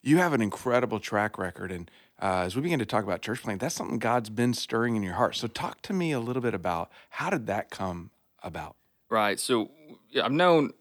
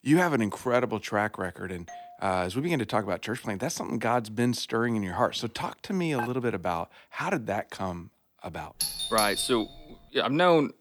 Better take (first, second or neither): first